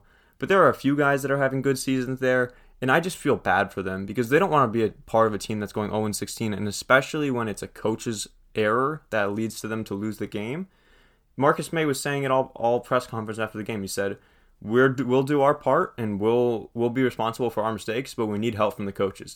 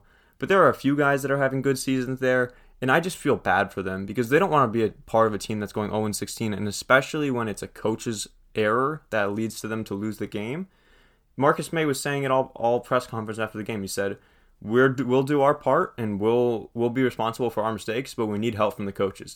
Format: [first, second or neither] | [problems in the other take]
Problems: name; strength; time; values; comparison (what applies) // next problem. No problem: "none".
neither | none